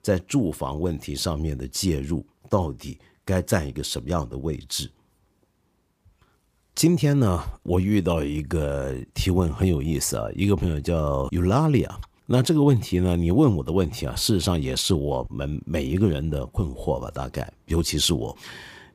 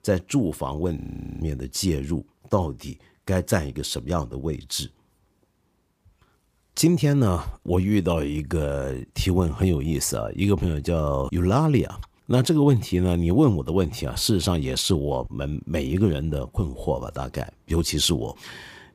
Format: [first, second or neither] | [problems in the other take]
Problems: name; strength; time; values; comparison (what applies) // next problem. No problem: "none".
first | audio freezing; at 1 s